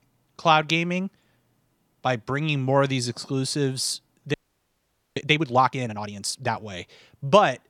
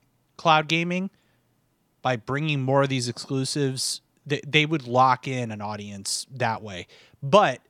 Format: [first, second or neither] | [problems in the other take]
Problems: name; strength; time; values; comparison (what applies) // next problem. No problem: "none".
second | audio freezing; at 4.5 s for 1 s